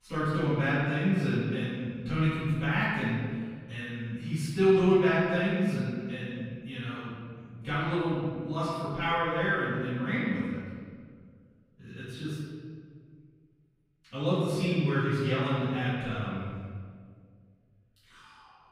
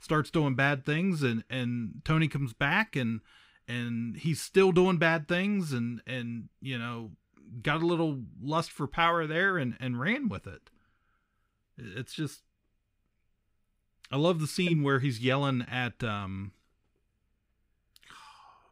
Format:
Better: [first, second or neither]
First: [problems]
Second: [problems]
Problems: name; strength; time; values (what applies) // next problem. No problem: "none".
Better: second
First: off-mic speech; far // room echo; strong; dies away in 1.8 s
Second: none